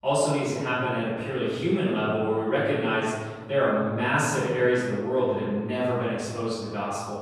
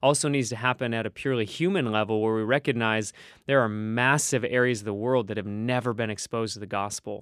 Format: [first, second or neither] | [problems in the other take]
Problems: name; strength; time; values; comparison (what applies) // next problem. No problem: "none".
second | off-mic speech; far // room echo; strong; dies away in 1.6 s